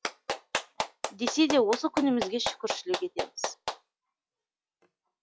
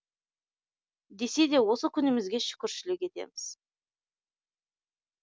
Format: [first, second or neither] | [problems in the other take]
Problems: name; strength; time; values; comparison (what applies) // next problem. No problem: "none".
second | noise reduction (classical method log-MMSE)